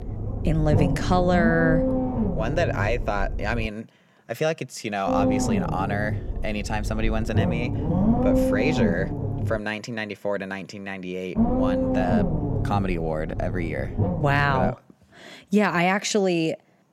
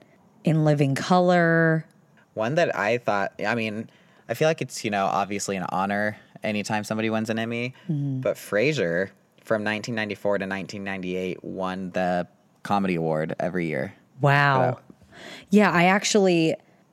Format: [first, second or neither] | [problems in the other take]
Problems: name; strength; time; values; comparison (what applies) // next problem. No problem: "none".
second | low rumble; loud; until 3.5 s, from 5 to 9.5 s and from 11 to 15 s; 3 dB below the speech